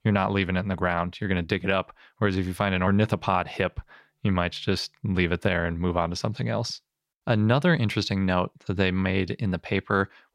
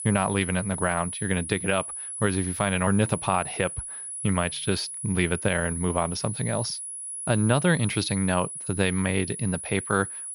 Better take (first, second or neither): first